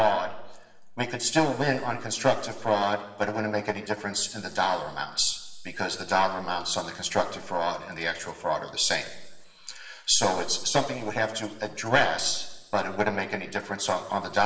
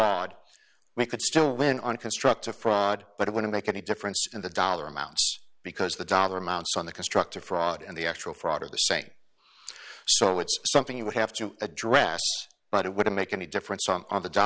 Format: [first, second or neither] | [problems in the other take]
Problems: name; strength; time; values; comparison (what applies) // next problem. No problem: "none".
second | room echo; dies away in 1.1 s